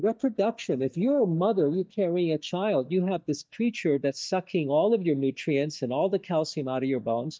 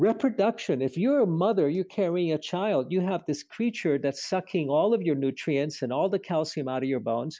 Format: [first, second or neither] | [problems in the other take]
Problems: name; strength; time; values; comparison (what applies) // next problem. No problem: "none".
second | noise reduction (neural mask model DeepFilterNet 3)